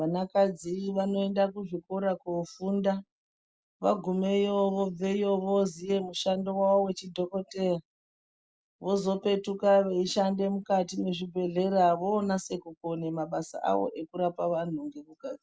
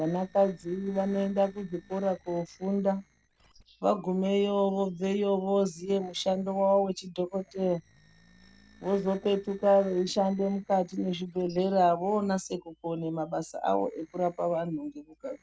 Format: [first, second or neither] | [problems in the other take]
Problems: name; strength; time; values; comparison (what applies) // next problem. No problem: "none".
first | noise reduction (neural separator model SepFormer DNS4)